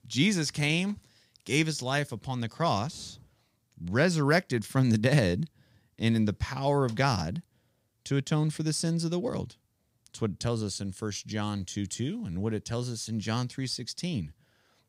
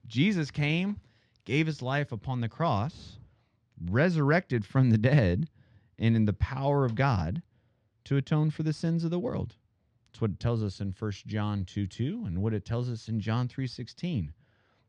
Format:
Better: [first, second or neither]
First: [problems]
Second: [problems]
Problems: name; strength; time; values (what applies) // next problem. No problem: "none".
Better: first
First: none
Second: muffled; slightly; fading above 3 kHz